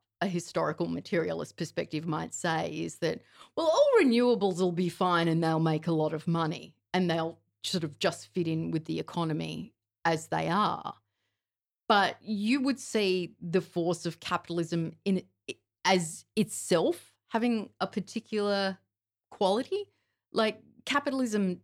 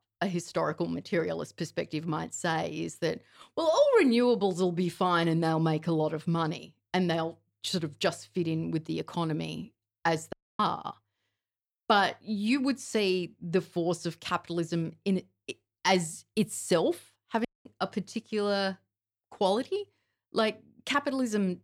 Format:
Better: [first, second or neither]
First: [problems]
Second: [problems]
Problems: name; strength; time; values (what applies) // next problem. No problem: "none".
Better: first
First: none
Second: audio cutting out; at 10 s and at 17 s